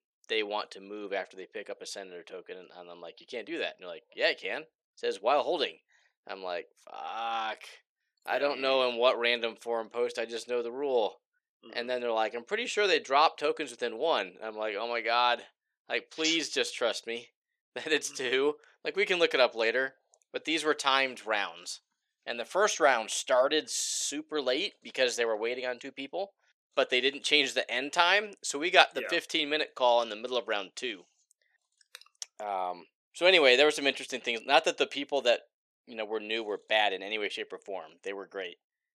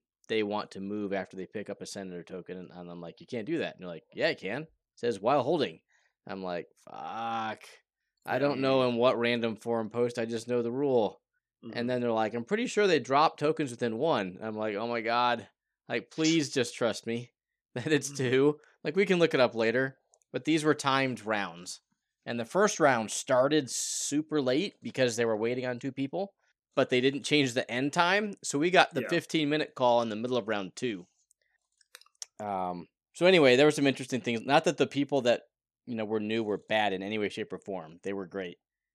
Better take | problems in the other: second | thin; somewhat; fading below 500 Hz

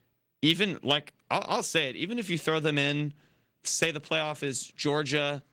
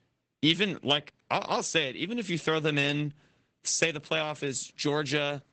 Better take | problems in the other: first | garbled, watery; badly; nothing above 8 kHz; slightly in the first

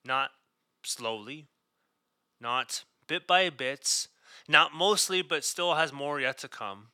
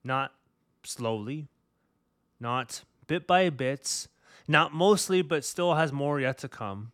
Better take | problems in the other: second | thin; somewhat; fading below 1 kHz

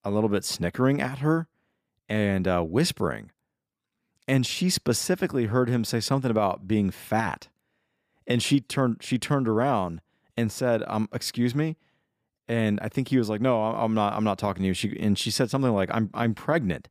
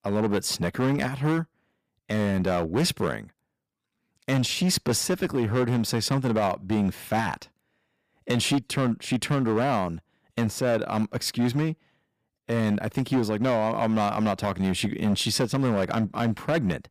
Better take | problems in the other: first | distortion; slight; 9% of the sound clipped

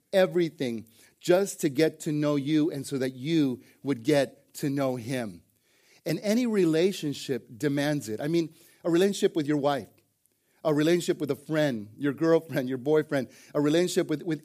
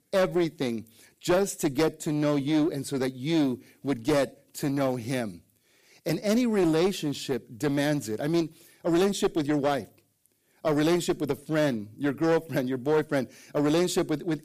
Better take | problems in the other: first | distortion; slight; 9% of the sound clipped

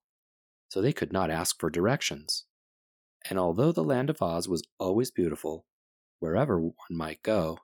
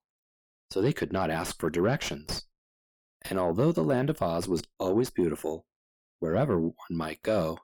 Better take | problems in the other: first | distortion; slight; 10 dB below the speech

